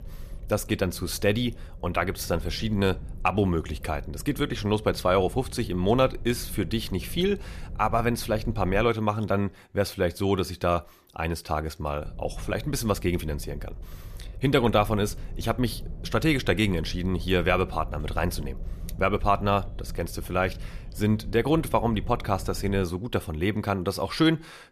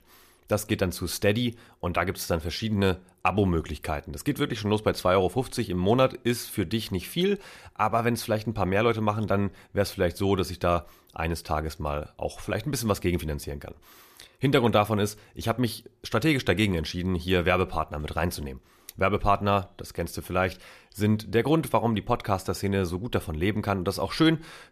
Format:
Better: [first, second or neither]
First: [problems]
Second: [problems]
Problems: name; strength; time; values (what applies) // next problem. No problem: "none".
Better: second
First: low rumble; faint; until 9 s and from 12 to 23 s; 25 dB below the speech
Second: none